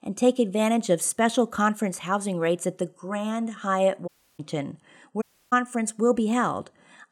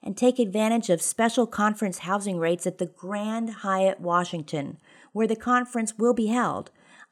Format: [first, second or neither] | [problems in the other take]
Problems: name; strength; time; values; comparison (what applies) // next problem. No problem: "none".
second | audio cutting out; at 4 s and at 5 s